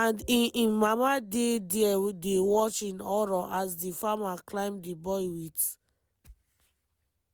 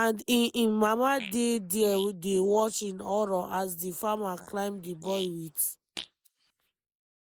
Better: first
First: none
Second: noise reduction (neural mask model Resemble Enhance denoiser)

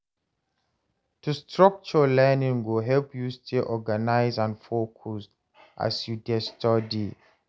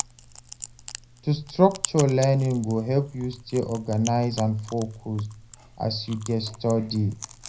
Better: first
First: none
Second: background sound (Chewing, mastication); 14 dB below the speech // room echo; dies away in 0.4 s

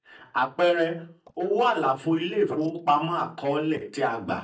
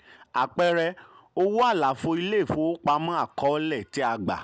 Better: second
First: noise reduction (neural mask model DeepFilterNet 3)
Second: none

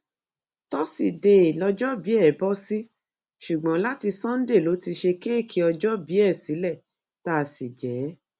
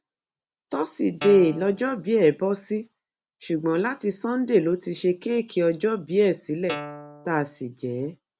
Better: first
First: none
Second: background sound (Guitar); 12 dB below the speech

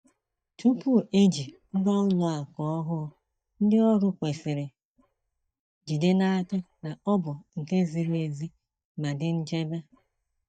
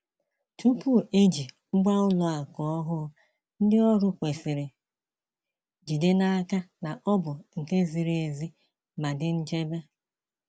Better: second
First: noise reduction (neural mask model DeepFilterNet 3)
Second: none

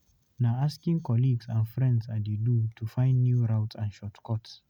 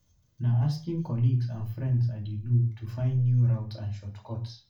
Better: first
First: none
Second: room echo; dies away in 0.3 s

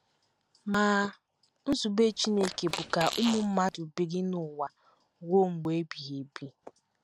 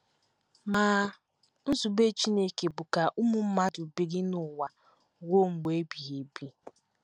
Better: second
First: background sound (Fart); 8 dB below the speech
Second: none

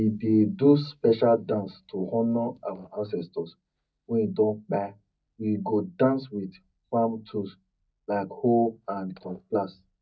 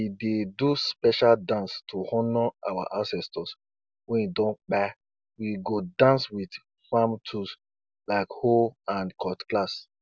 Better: second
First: noise reduction (neural mask model DeepFilterNet 3)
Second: none

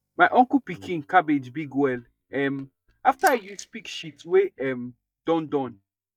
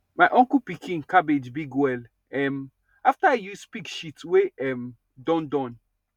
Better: second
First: noise reduction (neural mask model DeepFilterNet 3)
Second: none

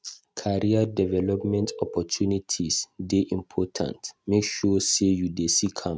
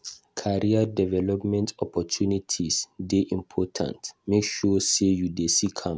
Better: second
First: noise reduction (neural mask model RNNoise)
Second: none

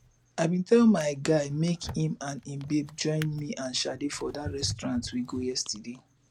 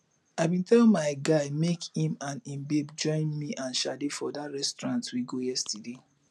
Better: second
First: background sound (Drawer open or close); 16 dB below the speech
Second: none

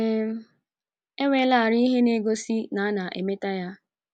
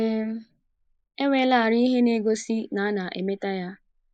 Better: first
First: none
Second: noise reduction (neural mask model Resemble Enhance denoiser)

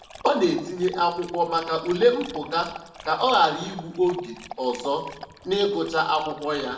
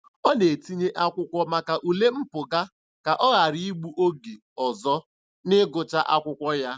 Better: second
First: background sound (Dog); 17 dB below the speech // room echo; dies away in 0.7 s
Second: none

